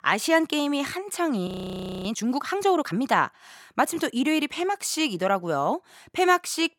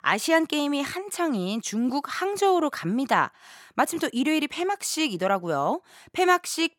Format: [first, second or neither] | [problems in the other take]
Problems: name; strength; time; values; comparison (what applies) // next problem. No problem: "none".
second | audio freezing; at 1.5 s for 0.5 s